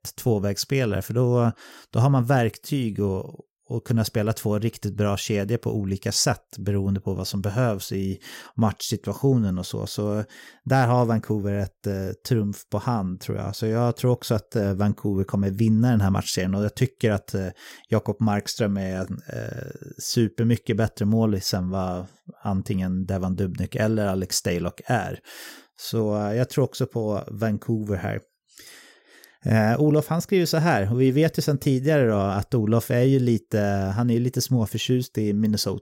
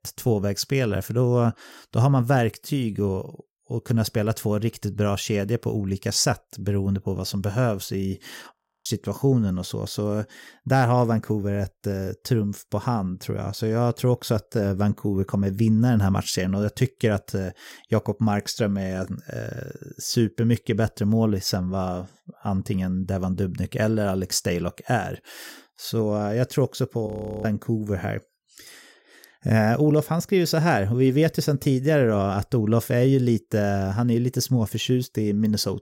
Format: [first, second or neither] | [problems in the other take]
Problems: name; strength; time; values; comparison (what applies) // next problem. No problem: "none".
first | audio freezing; at 8.5 s and at 27 s